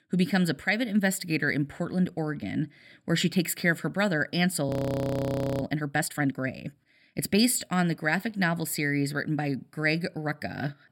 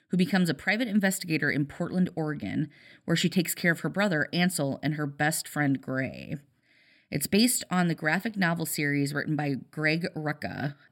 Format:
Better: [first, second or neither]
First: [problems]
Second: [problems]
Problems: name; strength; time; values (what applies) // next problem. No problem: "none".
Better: second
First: audio freezing; at 4.5 s for 1 s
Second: none